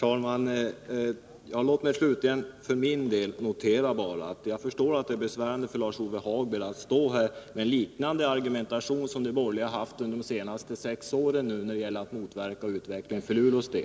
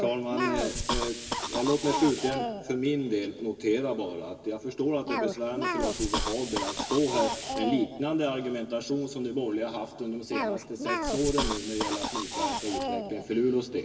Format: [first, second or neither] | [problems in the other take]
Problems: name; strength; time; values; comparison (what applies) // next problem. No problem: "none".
first | background sound (Cough); 4 dB below the speech // room echo; dies away in 1.3 s